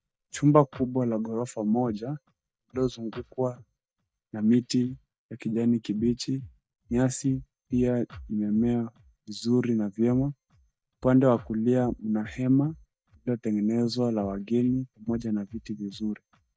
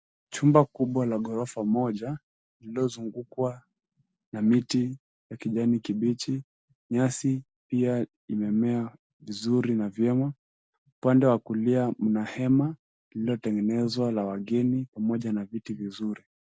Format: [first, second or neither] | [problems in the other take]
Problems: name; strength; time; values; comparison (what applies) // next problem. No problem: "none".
second | noise reduction (neural mask model DeepFilterNet 3)